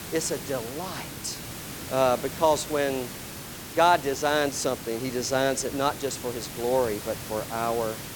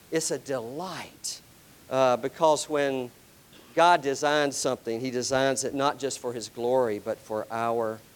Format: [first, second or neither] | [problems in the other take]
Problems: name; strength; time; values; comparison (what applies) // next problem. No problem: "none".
second | hiss; loud; throughout; 10 dB below the speech; faint in the second